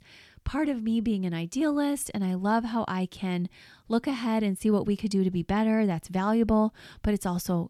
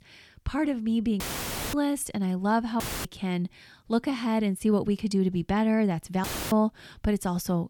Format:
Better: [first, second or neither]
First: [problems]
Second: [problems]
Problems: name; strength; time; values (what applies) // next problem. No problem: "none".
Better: first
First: none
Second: audio cutting out; filled with static; at 1 s for 0.5 s, at 3 s and at 6 s